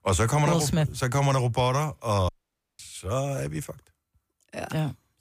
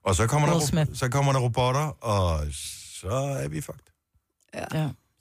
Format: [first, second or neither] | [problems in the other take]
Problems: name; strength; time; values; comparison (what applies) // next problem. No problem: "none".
second | audio cutting out; at 2.5 s for 0.5 s